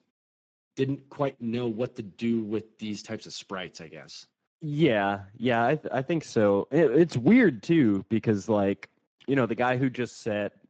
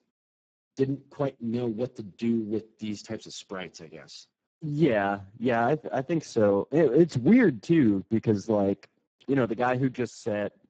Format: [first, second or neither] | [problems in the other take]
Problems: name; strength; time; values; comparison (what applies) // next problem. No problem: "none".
first | garbled, watery; badly; nothing above 7.5 kHz; slightly in the first